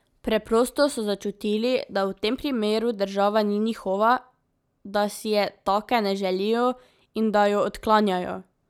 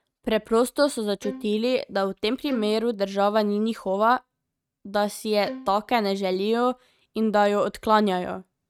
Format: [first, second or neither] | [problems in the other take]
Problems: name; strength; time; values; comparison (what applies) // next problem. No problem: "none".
first | noise reduction (neural mask model RNNoise)